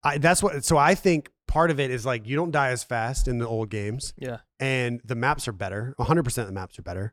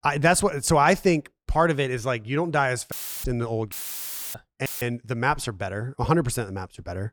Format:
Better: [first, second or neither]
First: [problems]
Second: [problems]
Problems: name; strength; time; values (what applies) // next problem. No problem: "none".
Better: first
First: none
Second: audio cutting out; filled with static; at 3 s, at 3.5 s for 0.5 s and at 4.5 s